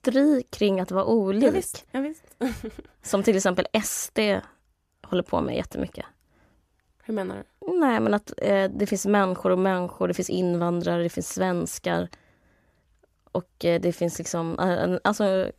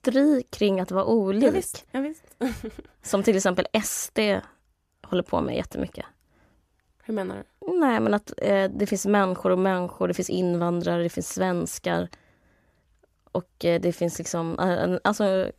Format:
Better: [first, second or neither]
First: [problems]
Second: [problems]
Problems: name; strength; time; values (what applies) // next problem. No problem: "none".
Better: neither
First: none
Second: none